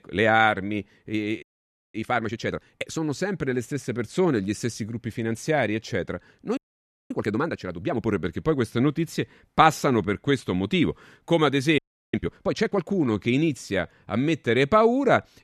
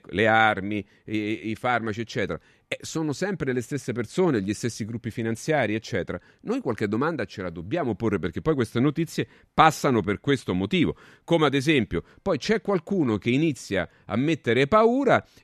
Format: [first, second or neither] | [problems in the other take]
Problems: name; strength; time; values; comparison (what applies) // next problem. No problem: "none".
second | audio freezing; at 1.5 s for 0.5 s, at 6.5 s for 0.5 s and at 12 s